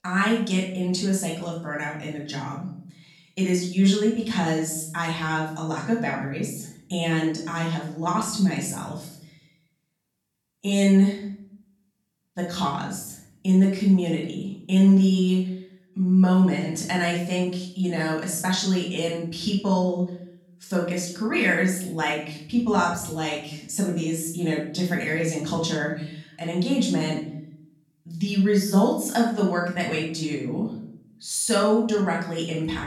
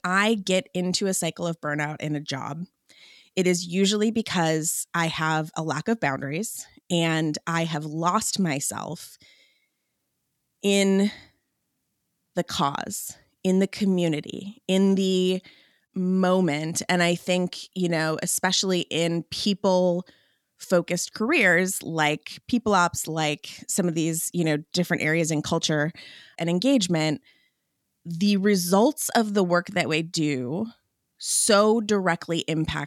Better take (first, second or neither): second